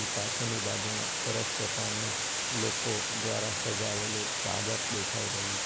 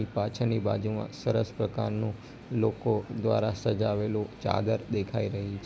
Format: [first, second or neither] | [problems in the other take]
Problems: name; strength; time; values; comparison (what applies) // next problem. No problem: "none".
second | background sound (Water); 5 dB above the speech